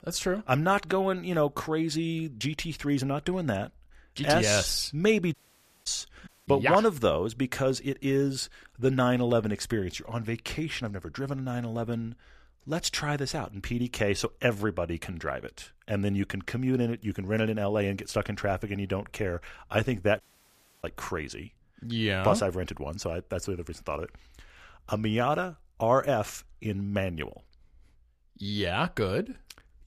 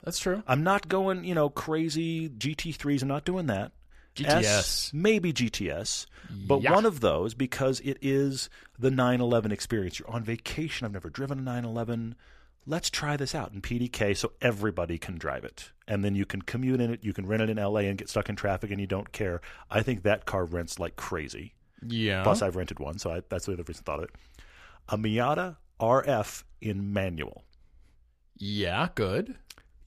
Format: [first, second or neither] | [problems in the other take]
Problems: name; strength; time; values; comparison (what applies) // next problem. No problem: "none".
second | audio cutting out; at 5.5 s for 0.5 s, at 6.5 s and at 20 s for 0.5 s